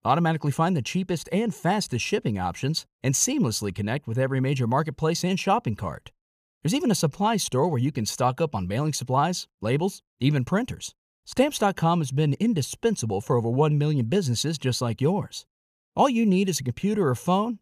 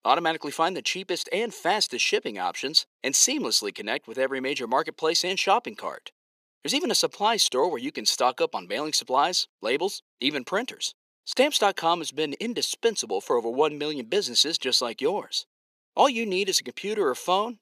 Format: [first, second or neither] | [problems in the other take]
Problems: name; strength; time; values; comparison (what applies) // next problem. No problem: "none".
first | thin; somewhat; fading below 300 Hz